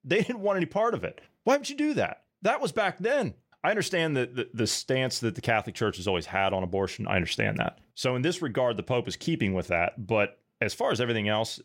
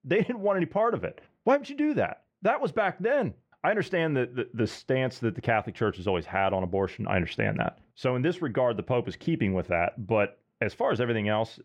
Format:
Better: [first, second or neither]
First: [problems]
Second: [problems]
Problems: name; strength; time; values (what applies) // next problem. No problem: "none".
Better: first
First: none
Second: muffled; slightly; fading above 4 kHz